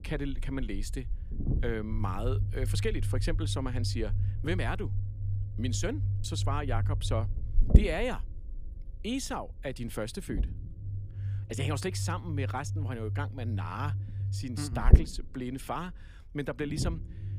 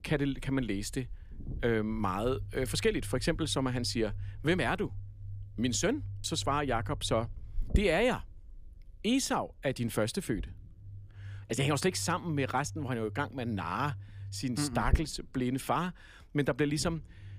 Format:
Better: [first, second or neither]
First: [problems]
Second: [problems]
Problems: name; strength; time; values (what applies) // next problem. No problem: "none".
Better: second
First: low rumble; loud; throughout; 9 dB below the speech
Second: low rumble; faint; throughout; 25 dB below the speech